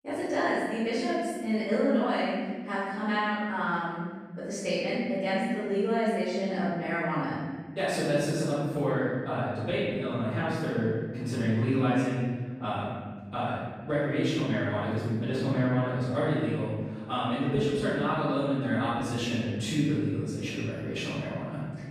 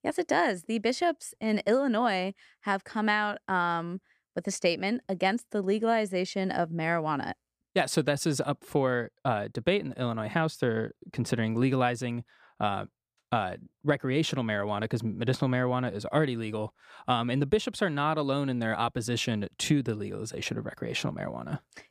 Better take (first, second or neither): second